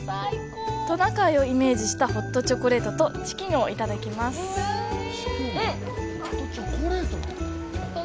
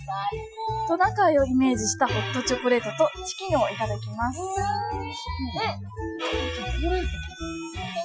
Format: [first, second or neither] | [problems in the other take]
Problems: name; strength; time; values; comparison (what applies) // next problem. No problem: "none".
first | noise reduction (classical method Wiener filter)